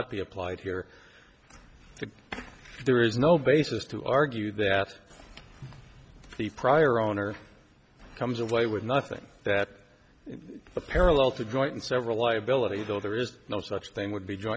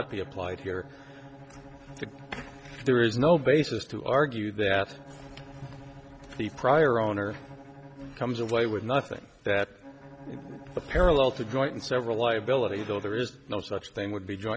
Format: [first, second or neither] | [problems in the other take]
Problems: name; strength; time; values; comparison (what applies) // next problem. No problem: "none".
first | background sound (Bowed string instrument); 19 dB below the speech